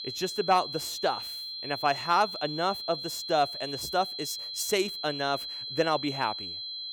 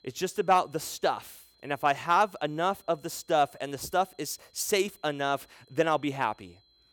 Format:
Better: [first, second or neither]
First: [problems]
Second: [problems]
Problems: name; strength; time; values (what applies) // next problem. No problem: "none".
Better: second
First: high-pitched whine; loud; throughout; 4 kHz, 5 dB below the speech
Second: high-pitched whine; faint; throughout; 4 kHz, 35 dB below the speech